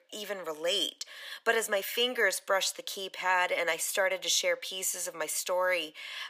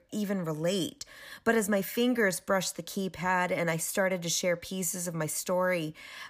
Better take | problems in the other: second | thin; very; fading below 450 Hz

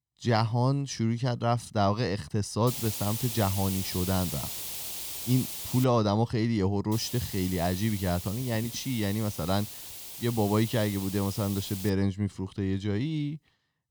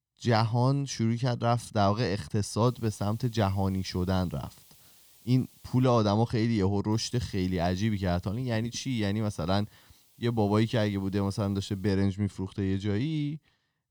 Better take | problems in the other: second | hiss; loud; from 2.5 to 6 s and from 7 to 12 s; 6 dB below the speech; faint in the second

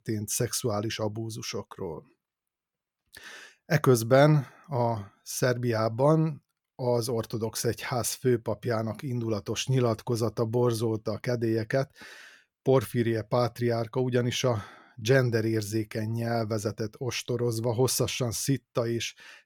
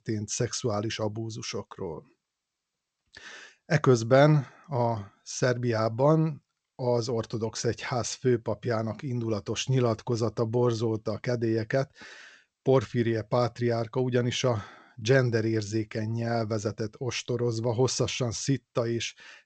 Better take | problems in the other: first | garbled, watery; slightly; nothing above 7.5 kHz

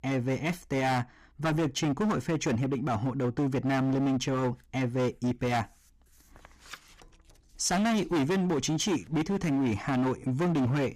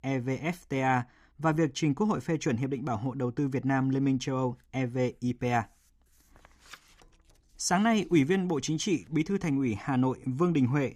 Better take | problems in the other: second | distortion; heavy; 20% of the sound clipped

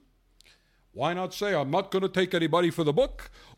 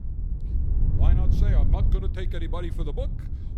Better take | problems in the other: first | wind noise on the microphone; heavy; 3 dB below the speech

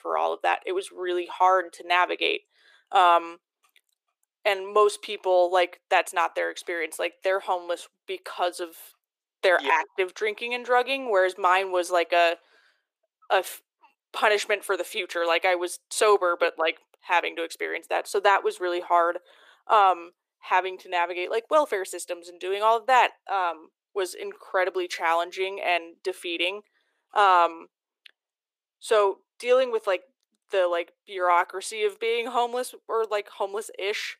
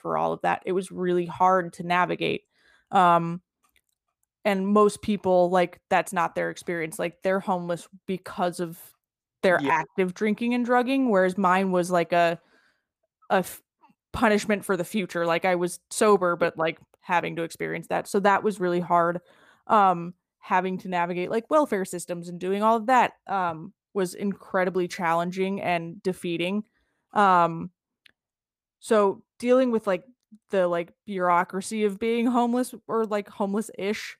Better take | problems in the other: second | thin; very; fading below 350 Hz

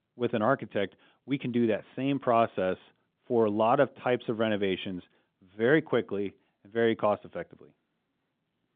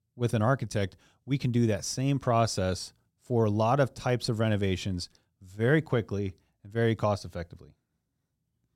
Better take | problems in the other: second | phone-call audio; nothing above 3.5 kHz

